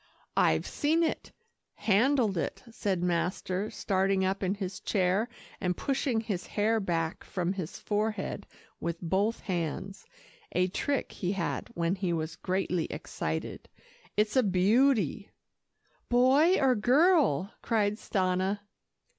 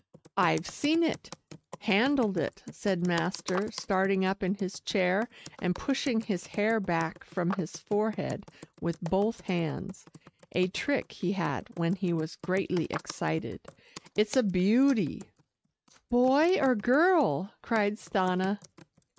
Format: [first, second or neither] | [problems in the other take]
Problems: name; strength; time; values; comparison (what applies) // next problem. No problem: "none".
first | noise reduction (neural mask model RNNoise)